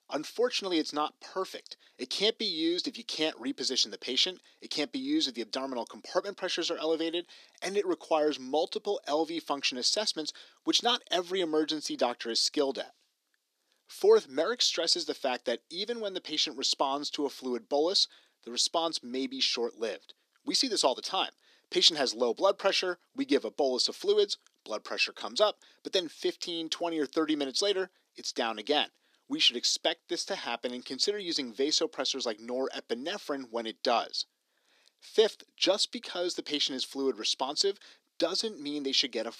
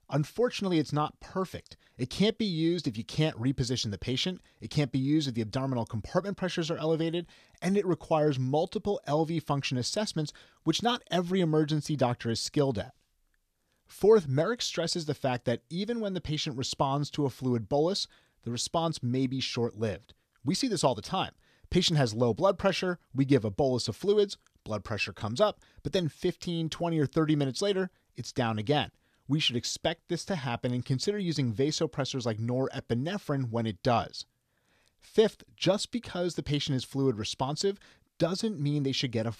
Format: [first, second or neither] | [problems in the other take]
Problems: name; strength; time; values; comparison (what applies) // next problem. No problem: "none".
second | thin; somewhat; fading below 300 Hz